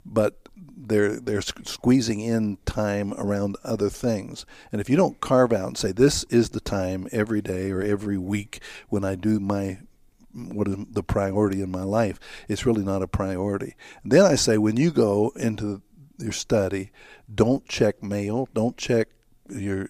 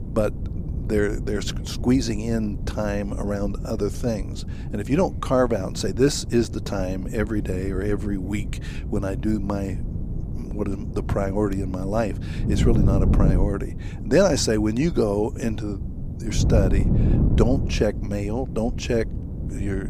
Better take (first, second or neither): first